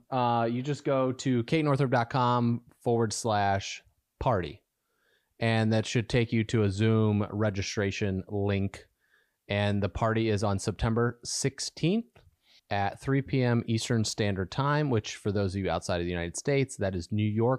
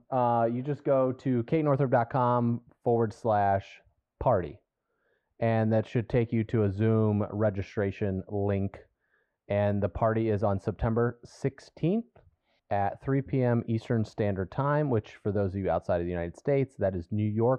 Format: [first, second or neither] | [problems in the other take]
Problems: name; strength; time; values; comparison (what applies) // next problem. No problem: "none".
first | muffled; very; fading above 3 kHz